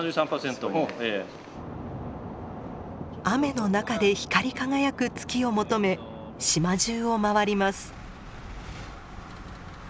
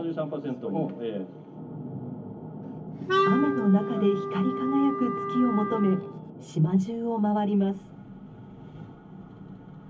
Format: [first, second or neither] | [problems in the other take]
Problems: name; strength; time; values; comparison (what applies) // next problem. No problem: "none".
first | background sound (Wind instrument, woodwind instrument); 2 dB below the speech // room echo; dies away in 0.3 s